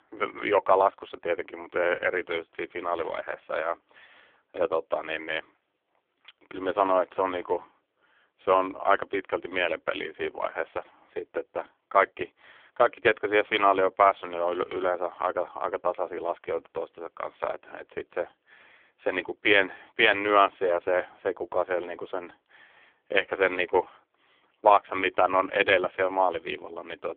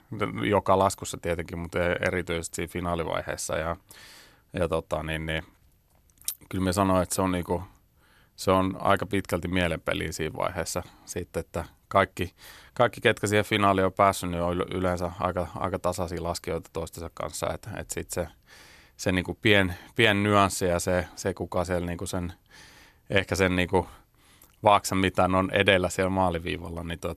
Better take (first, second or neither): second